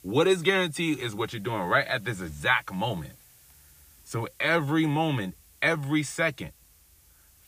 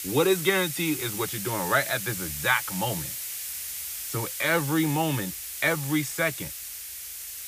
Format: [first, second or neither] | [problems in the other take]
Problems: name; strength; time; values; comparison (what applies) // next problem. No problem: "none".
first | hiss; loud; throughout; 5 dB below the speech; faint in the first